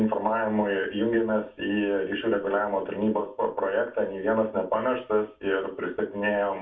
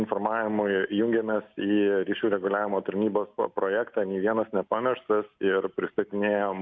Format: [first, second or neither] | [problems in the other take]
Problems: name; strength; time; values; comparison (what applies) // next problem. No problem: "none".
second | room echo; dies away in 0.2 s